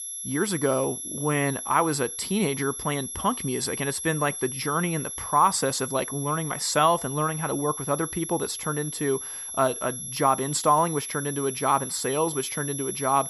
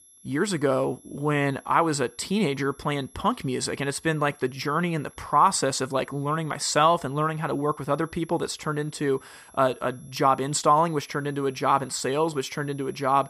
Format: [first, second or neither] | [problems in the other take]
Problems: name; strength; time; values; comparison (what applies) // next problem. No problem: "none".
second | high-pitched whine; loud; throughout; 11 kHz, 6 dB below the speech; faint in the second